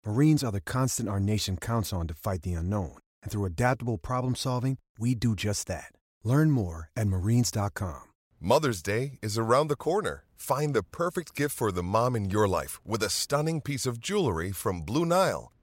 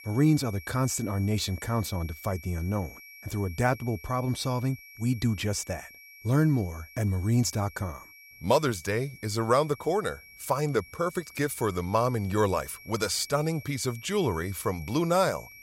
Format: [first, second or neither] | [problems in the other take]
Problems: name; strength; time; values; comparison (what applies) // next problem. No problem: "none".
first | high-pitched whine; noticeable; throughout; 2.5 kHz, 20 dB below the speech